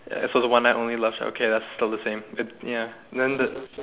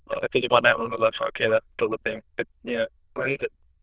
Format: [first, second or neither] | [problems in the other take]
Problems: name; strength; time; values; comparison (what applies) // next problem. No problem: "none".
first | noise reduction (neural diffusion model UNIVERSE++)